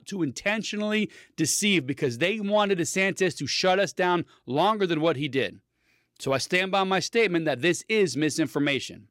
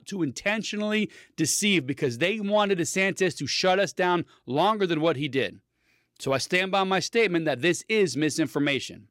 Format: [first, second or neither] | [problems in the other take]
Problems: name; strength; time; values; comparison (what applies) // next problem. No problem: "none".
neither | none